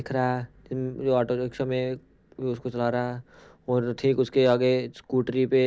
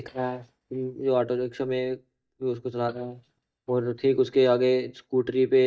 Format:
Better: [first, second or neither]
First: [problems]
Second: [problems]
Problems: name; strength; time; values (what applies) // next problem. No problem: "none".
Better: first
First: none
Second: noise reduction (neural mask model DeepFilterNet 3)